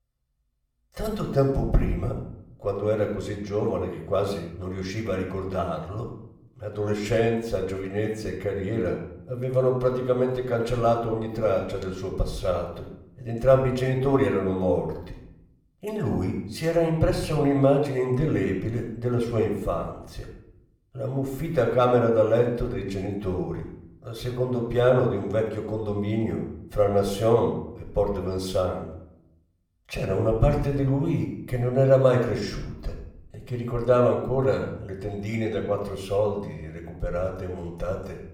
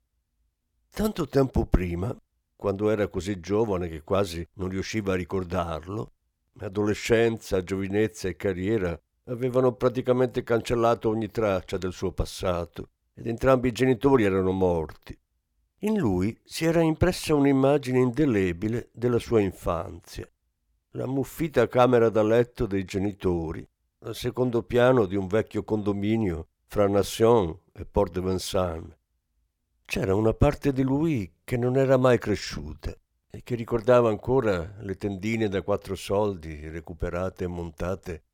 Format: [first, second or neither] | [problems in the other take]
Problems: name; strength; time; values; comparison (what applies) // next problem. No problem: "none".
second | off-mic speech; somewhat distant // room echo; slight; dies away in 0.7 s